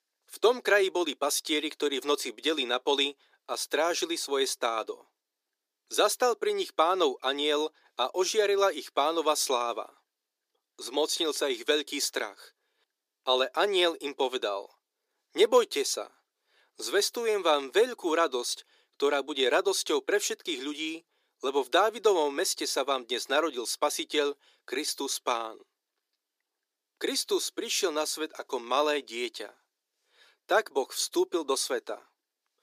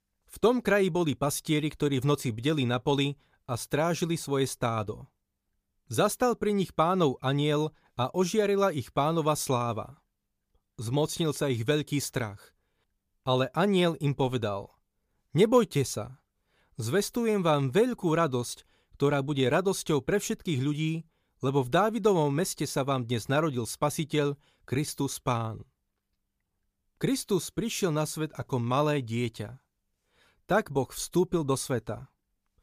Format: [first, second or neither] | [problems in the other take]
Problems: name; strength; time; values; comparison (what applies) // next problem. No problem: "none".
second | thin; very; fading below 300 Hz